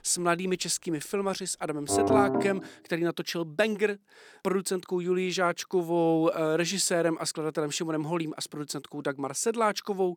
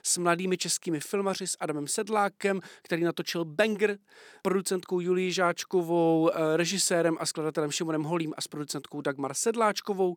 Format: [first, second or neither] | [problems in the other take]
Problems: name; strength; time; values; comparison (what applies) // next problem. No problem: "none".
second | background music; very loud; until 2 s; 2 dB above the speech